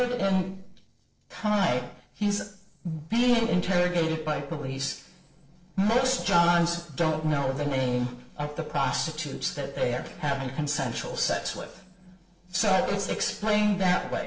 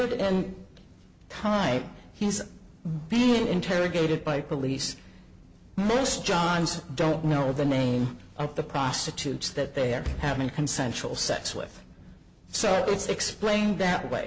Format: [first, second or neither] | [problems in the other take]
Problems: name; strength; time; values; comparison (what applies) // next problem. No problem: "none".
second | noise reduction (neural separator model SepFormer DNS4)